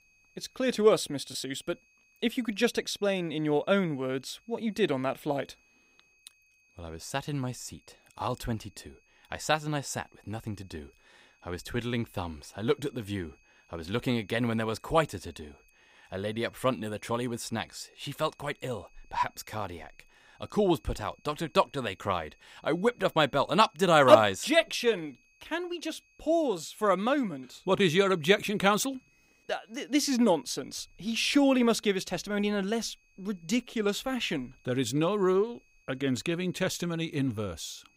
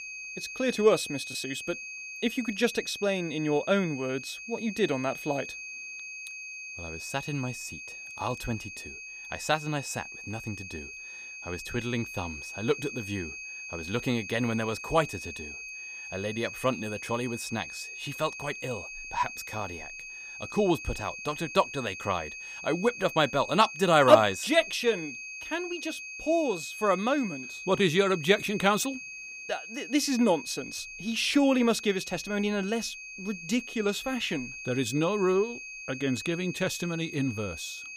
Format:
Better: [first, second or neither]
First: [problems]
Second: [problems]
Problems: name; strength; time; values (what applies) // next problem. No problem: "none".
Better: first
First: high-pitched whine; faint; throughout; 2.5 kHz, 35 dB below the speech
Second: high-pitched whine; loud; throughout; 2.5 kHz, 10 dB below the speech